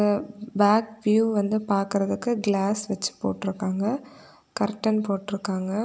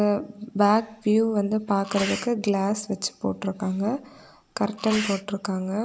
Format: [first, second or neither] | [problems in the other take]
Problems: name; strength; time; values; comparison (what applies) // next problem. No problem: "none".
first | background sound (Sneeze); 13 dB below the speech